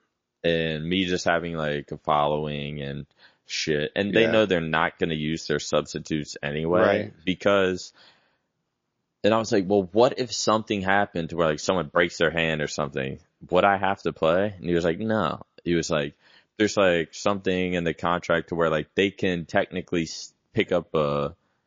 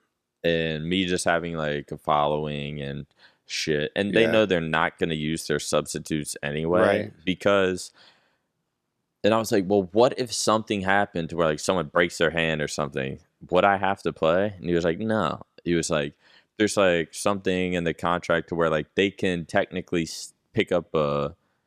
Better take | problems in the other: second | garbled, watery; slightly; nothing above 6.5 kHz

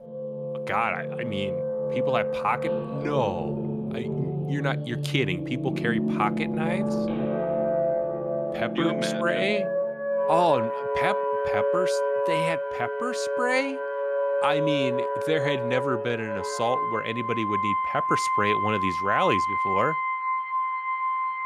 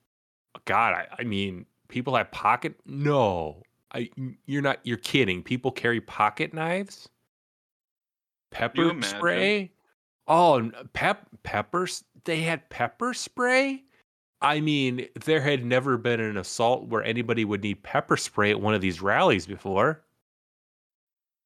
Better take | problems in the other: second | background music; very loud; throughout; 1 dB above the speech

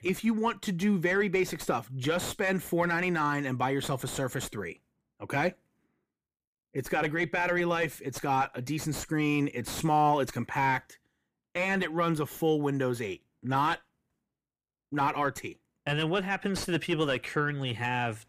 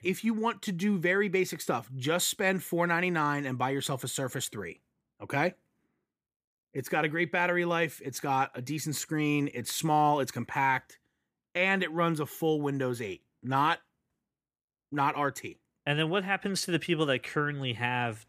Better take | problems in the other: second | distortion; slight; 10 dB below the speech

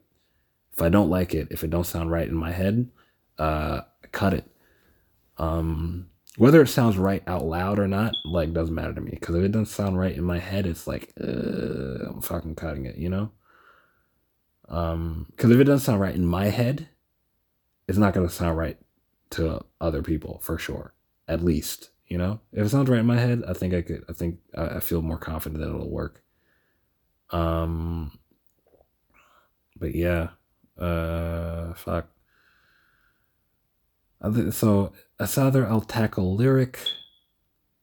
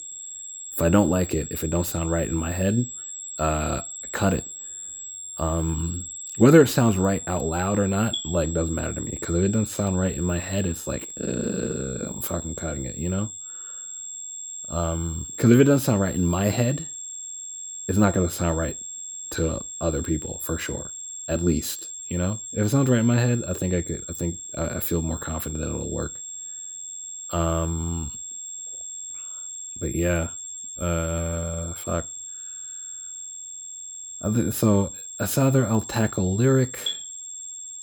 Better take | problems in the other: first | high-pitched whine; loud; throughout; 7.5 kHz, 9 dB below the speech

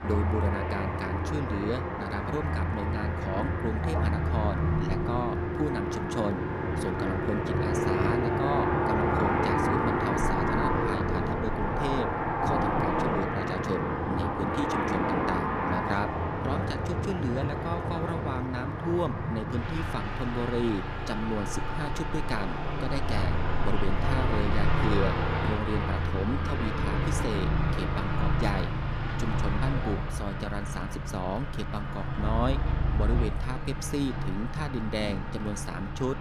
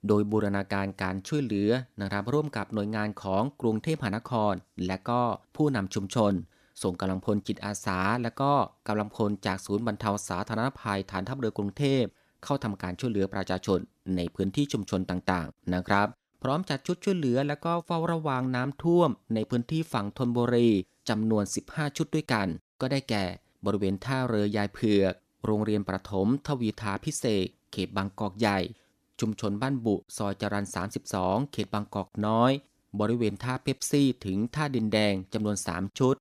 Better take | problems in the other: second | traffic noise; very loud; throughout; 5 dB above the speech

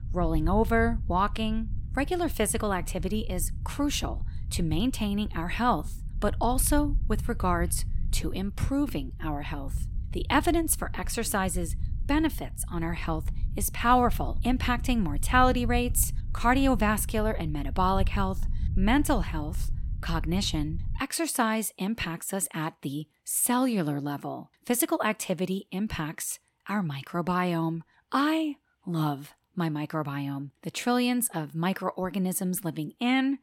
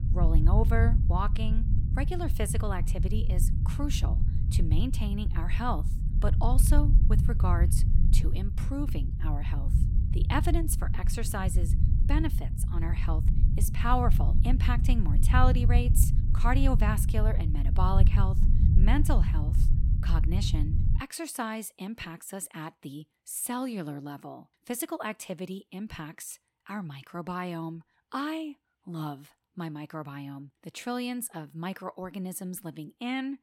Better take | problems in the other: first | low rumble; loud; until 21 s; 8 dB below the speech; faint in the first

